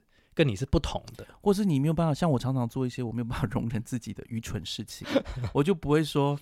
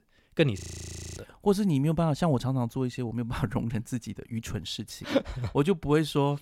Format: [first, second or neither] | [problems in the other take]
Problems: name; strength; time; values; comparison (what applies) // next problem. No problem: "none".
first | audio freezing; at 0.5 s for 0.5 s